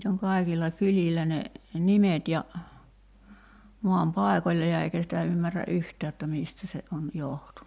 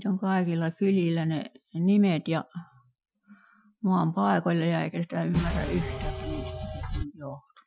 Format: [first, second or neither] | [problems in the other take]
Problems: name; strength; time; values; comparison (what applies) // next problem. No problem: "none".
first | noise reduction (classical method Wiener filter)